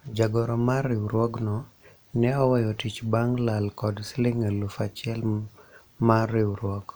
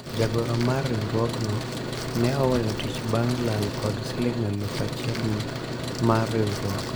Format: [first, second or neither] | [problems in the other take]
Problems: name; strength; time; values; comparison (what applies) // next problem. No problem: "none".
first | background sound (Truck); 4 dB below the speech